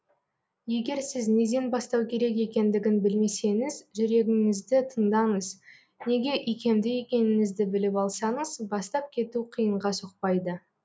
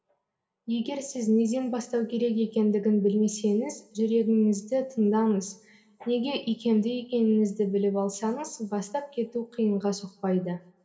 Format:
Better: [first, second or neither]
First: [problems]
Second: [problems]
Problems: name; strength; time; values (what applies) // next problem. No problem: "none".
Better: first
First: none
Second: room echo; dies away in 0.7 s